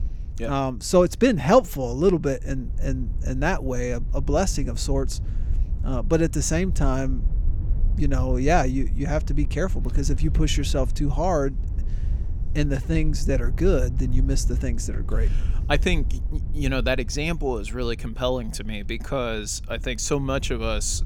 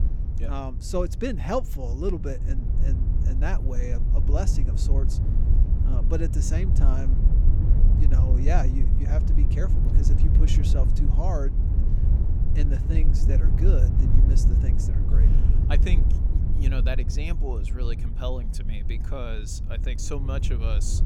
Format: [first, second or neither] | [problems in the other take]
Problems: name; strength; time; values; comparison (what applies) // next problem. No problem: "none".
first | wind noise on the microphone; heavy; 5 dB below the speech; occasional gusts in the first